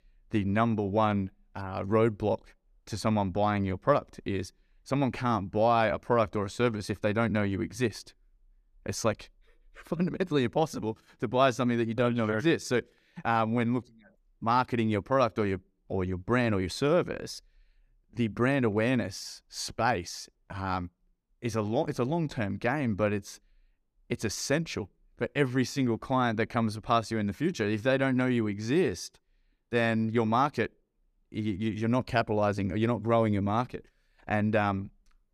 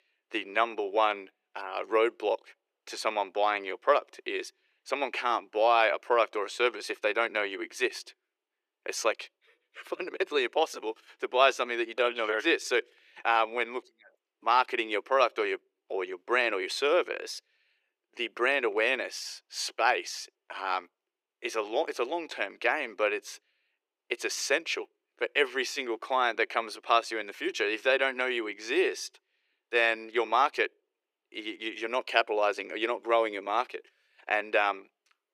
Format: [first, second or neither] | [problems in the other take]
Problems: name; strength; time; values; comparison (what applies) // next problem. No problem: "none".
first | thin; very; fading below 350 Hz